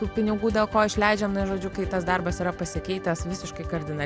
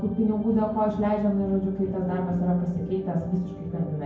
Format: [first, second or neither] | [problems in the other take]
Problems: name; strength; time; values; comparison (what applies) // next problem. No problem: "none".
first | room echo; dies away in 0.9 s